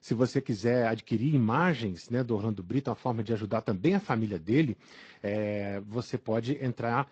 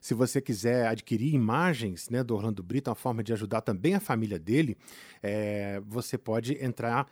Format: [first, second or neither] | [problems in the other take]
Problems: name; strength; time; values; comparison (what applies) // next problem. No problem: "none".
second | garbled, watery; slightly; nothing above 7.5 kHz